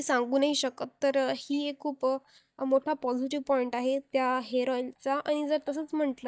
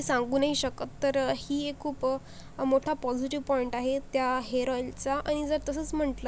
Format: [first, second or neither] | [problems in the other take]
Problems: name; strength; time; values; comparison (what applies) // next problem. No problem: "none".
second | noise reduction (neural mask model DeepFilterNet 3)